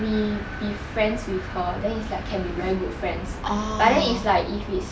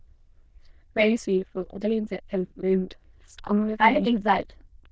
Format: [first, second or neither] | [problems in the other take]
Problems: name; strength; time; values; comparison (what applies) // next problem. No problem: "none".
first | noise reduction (neural diffusion model UNIVERSE++)